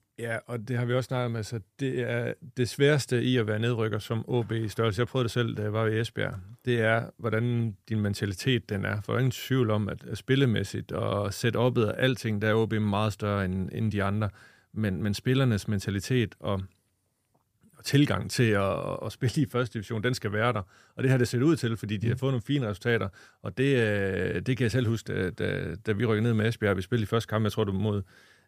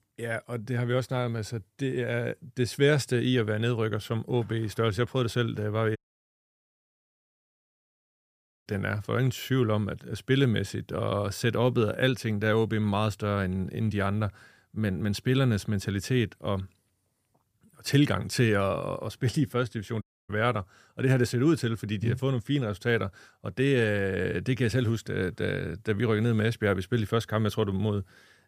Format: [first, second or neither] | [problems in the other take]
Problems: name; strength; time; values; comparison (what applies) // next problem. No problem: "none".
first | audio cutting out; at 6 s for 2.5 s and at 20 s